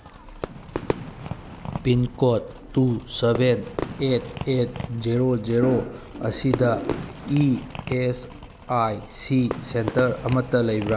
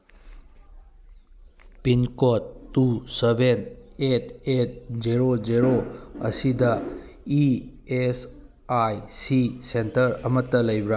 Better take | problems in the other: second | background sound (Fireworks); 11 dB below the speech

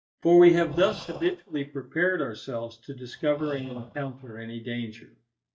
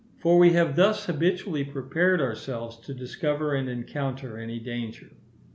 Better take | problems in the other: second | noise reduction (neural mask model DeepFilterNet 3)

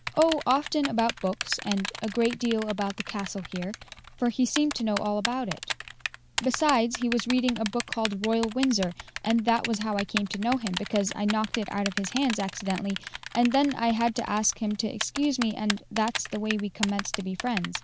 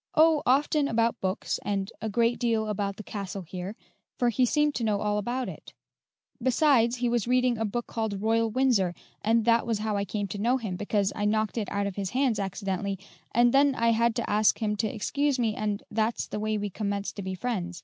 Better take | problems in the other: second | background sound (Typing); 9 dB below the speech

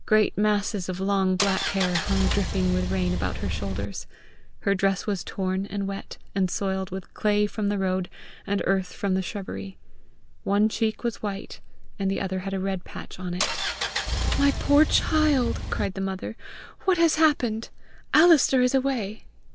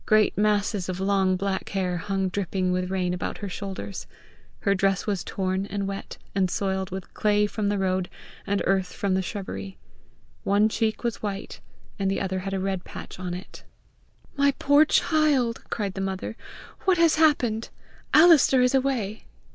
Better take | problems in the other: second | background sound (Engine); 2 dB below the speech

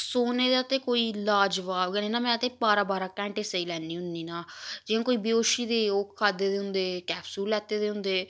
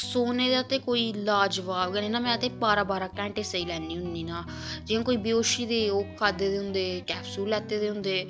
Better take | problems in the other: first | background sound (Guitar); 13 dB below the speech

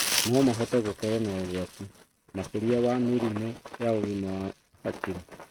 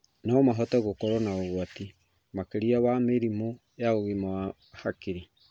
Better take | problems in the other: second | noise reduction (neural mask model RNNoise)

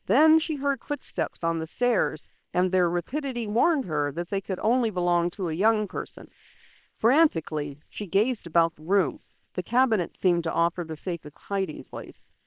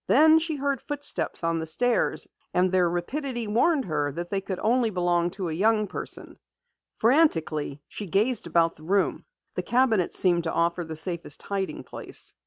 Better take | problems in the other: second | noise reduction (neural separator model SepFormer WHAM!)

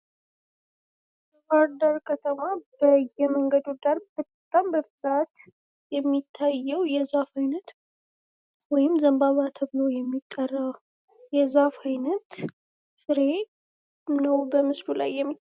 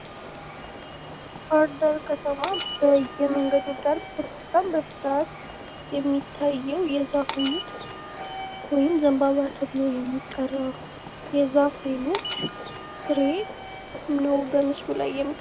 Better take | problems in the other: first | background sound (Walk, footsteps / Subway, metro, underground); 11 dB below the speech

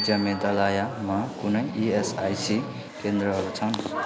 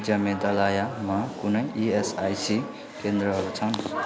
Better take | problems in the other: second | background sound (Bicycle bell + Strum); 14 dB below the speech

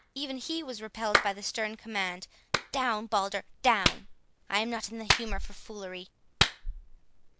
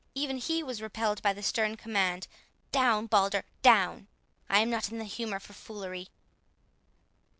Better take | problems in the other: second | background sound (Clapping); 1 dB below the speech

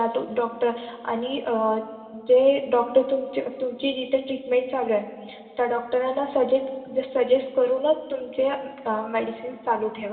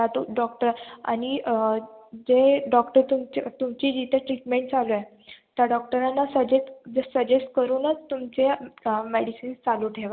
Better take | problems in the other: second | room echo; dies away in 2.1 s

